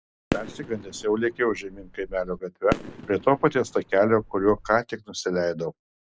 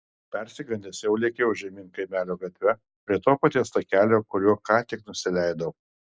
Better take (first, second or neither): second